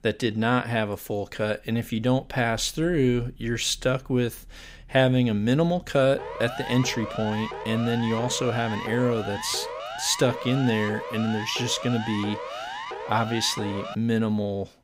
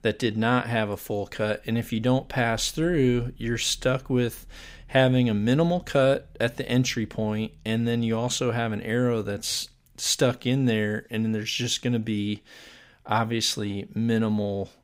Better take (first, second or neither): second